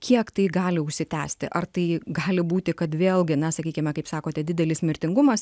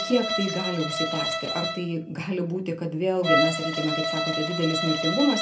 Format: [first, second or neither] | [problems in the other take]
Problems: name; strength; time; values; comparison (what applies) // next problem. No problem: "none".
first | background sound (Bowed string instrument); 1 dB below the speech // room echo; dies away in 0.3 s